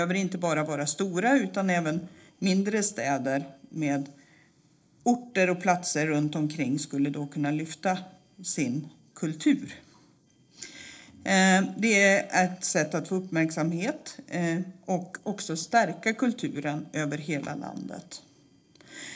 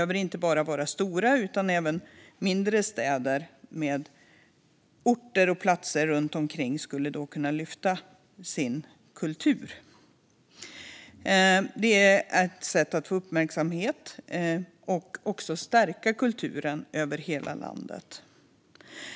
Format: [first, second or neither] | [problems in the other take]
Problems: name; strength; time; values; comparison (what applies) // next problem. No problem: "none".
second | noise reduction (neural separator model SepFormer DNS4)